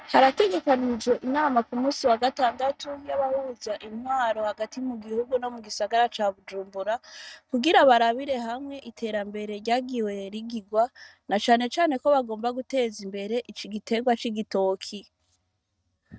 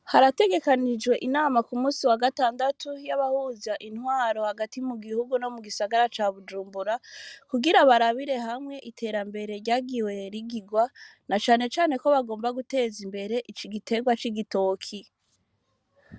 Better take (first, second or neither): second